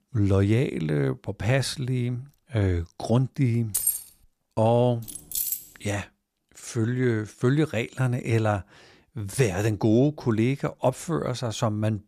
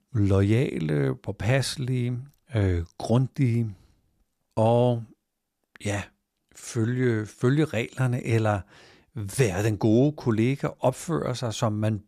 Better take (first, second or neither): second